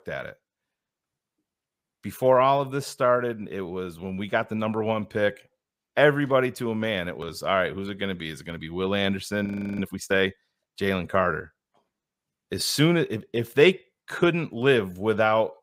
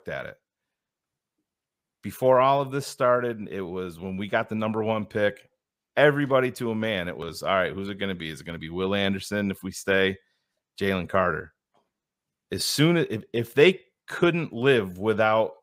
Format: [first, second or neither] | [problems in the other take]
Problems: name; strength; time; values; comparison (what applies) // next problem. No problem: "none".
second | audio freezing; at 9.5 s